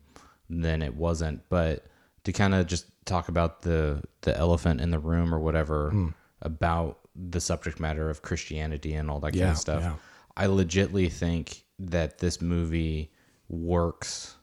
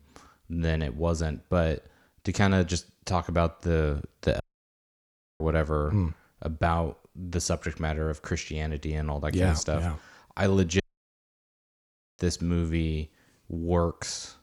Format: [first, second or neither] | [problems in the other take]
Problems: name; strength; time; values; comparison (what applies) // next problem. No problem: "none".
first | audio cutting out; at 4.5 s for 1 s and at 11 s for 1.5 s